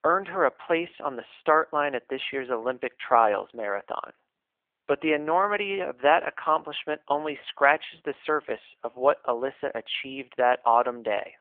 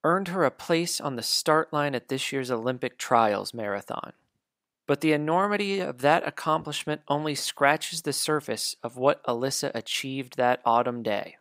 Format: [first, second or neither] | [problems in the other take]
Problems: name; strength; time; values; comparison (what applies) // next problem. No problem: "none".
second | phone-call audio; nothing above 3.5 kHz